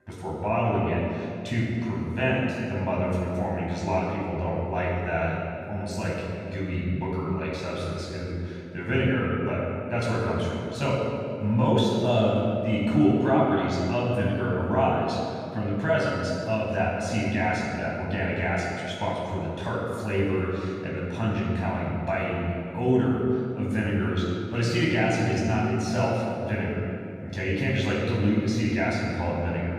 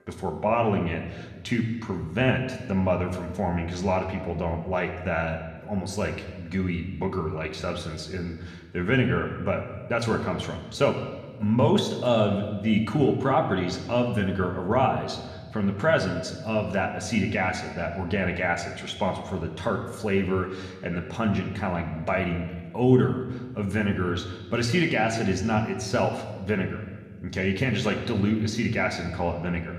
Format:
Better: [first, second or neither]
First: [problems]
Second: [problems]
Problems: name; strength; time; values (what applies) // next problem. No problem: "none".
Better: second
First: room echo; strong; dies away in 2.2 s // off-mic speech; far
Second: room echo; slight; dies away in 1.2 s